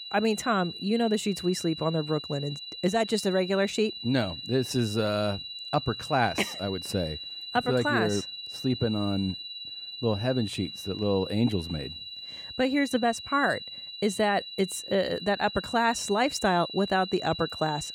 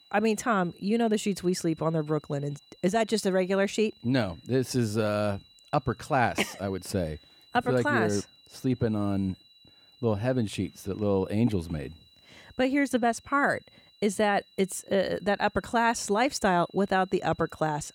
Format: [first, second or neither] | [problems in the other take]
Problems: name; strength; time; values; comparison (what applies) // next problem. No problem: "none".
second | high-pitched whine; loud; throughout; 4 kHz, 9 dB below the speech; faint in the second